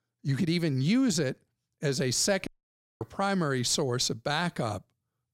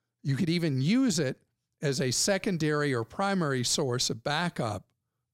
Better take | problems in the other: second | audio cutting out; at 2.5 s for 0.5 s

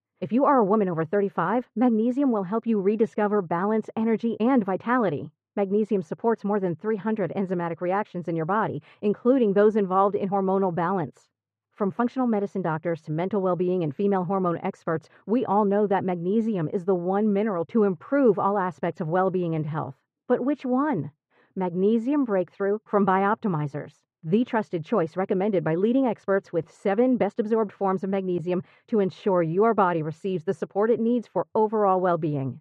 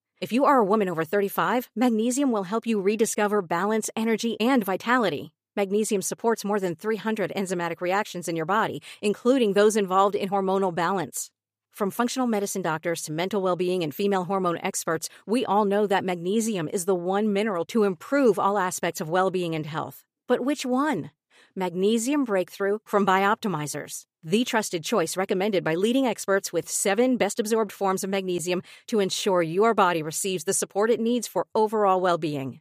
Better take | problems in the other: second | muffled; very; fading above 1.5 kHz

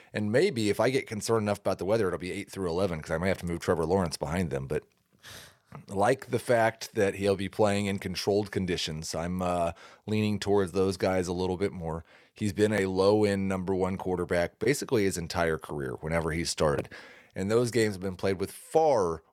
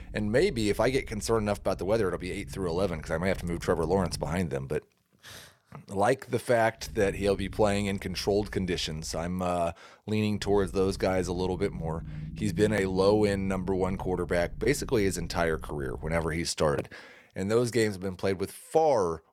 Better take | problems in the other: first | low rumble; faint; until 4.5 s, from 7 to 9.5 s and from 10 to 16 s; 25 dB below the speech

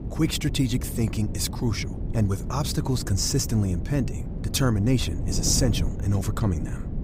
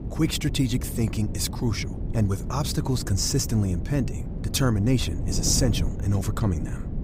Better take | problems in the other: neither | wind noise on the microphone; occasional gusts; 10 dB below the speech; the same in both

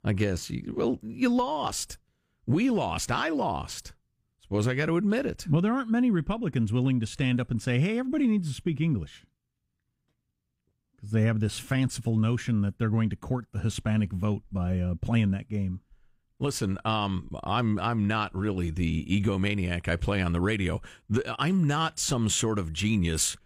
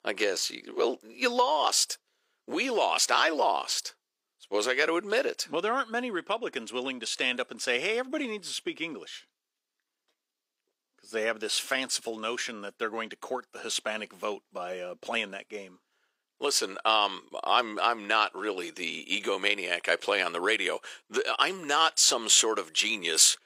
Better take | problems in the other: first | thin; very; fading below 400 Hz

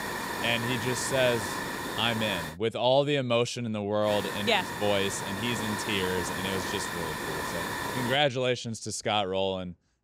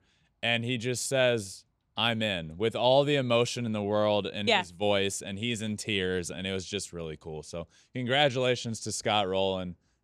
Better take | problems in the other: second | hiss; loud; until 2.5 s and from 4 to 8 s; 5 dB below the speech

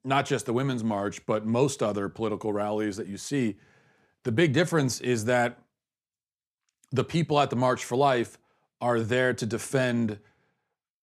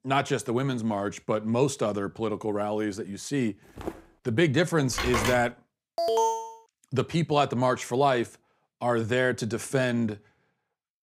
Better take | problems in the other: first | footsteps; faint; at 4 s; peak 10 dB below the speech // phone ringing; noticeable; at 5 s; peak 1 dB below the speech // alarm; loud; at 6 s; peak 2 dB above the speech

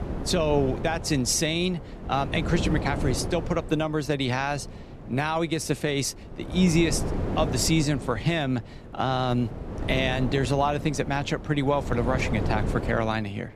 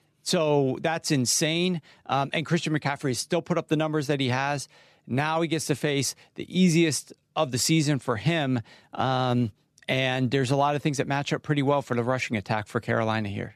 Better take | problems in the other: second | wind noise on the microphone; occasional gusts; 10 dB below the speech

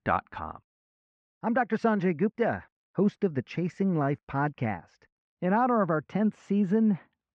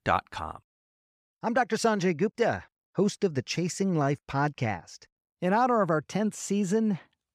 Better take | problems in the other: second | muffled; very; fading above 2 kHz

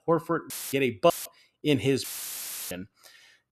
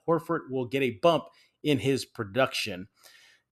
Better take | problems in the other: second | audio cutting out; filled with static; at 0.5 s, at 1 s and at 2 s for 0.5 s

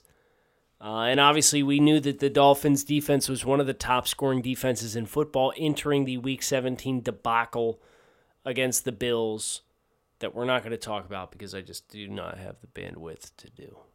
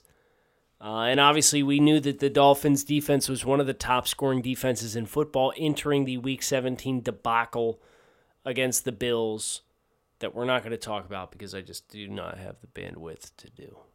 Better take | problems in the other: neither | none

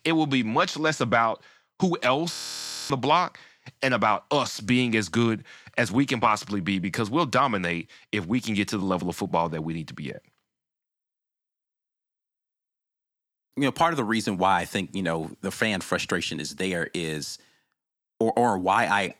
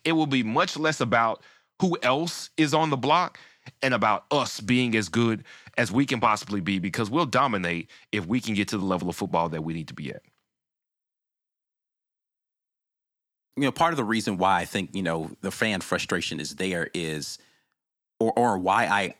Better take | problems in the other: second | audio freezing; at 2.5 s for 0.5 s

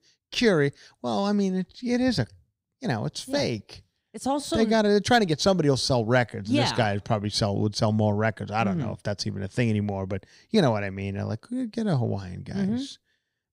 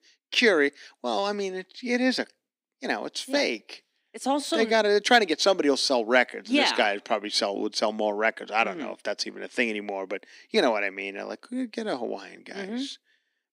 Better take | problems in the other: first | thin; somewhat; fading below 250 Hz

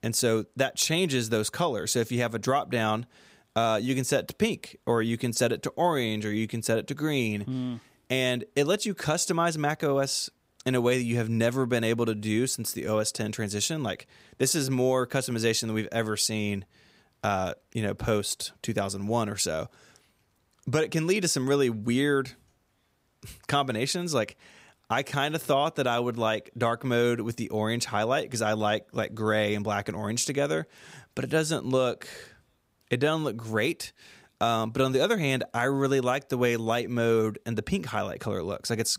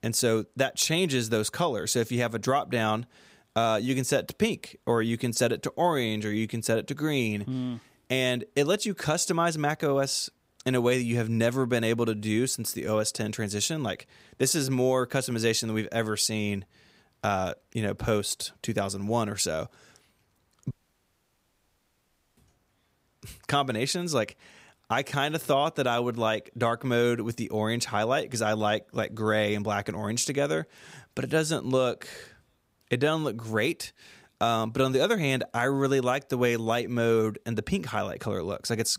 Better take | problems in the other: first | audio cutting out; at 21 s for 1.5 s

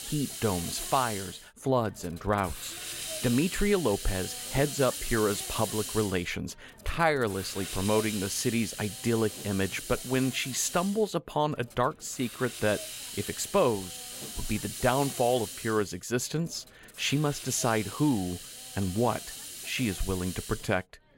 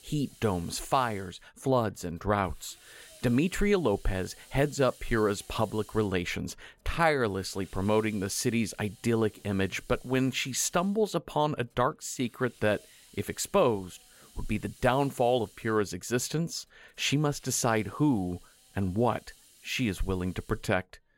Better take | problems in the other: second | hiss; loud; throughout; 8 dB below the speech; faint in the second

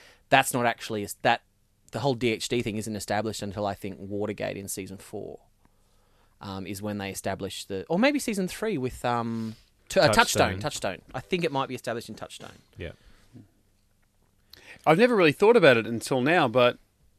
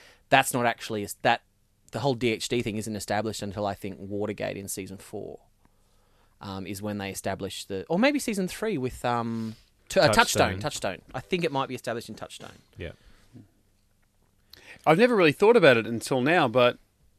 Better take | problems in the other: neither | none

